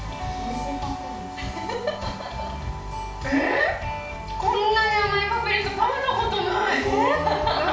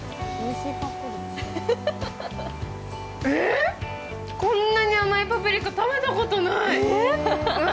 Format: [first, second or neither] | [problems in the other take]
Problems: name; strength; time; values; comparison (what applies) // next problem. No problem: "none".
second | room echo; dies away in 0.5 s